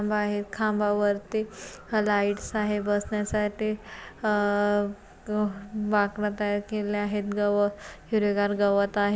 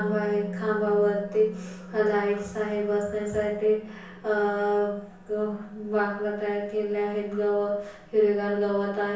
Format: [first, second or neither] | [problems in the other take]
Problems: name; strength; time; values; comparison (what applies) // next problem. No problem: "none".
first | background sound (Musical instrument); 15 dB below the speech // room echo; dies away in 0.6 s